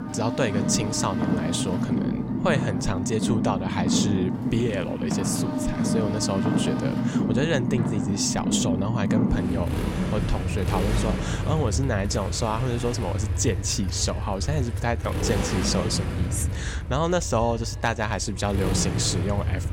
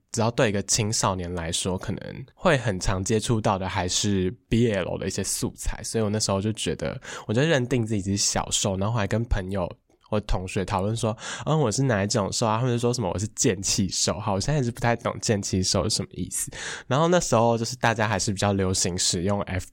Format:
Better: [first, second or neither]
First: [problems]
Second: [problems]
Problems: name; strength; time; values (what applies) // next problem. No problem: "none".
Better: second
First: traffic noise; very loud; throughout; as loud as the speech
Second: none